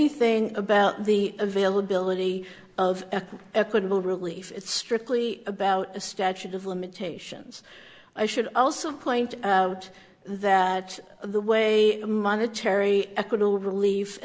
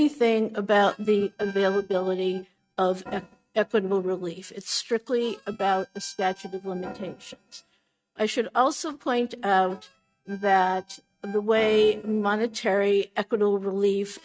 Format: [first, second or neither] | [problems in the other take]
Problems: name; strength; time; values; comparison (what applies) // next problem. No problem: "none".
first | noise reduction (neural mask model RNNoise)